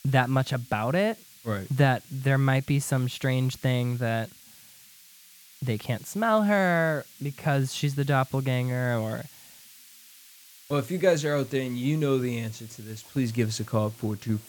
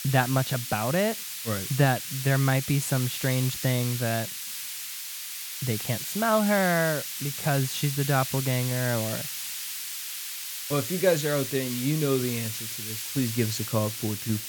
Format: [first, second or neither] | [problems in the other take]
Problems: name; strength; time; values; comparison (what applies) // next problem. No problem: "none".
first | hiss; loud; throughout; 5 dB below the speech; faint in the first